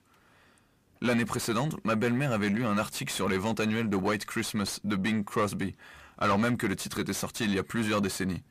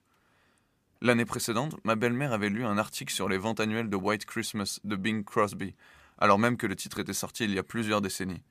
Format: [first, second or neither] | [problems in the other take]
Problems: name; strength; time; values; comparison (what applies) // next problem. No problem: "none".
second | distortion; heavy; 7 dB below the speech